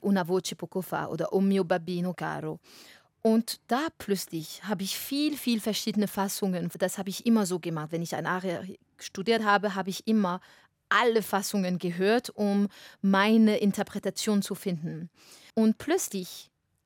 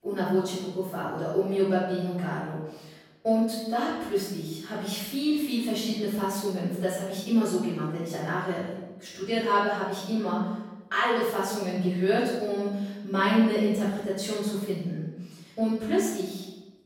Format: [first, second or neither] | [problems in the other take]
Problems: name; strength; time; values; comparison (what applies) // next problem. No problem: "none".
first | off-mic speech; far // room echo; noticeable; dies away in 0.9 s